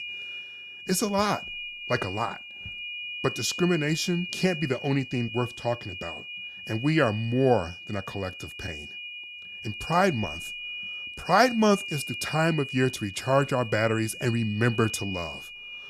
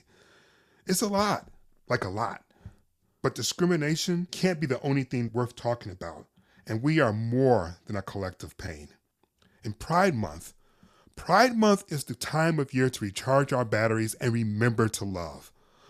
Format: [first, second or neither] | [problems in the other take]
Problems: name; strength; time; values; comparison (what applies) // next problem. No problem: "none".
second | high-pitched whine; loud; throughout; 2.5 kHz, 9 dB below the speech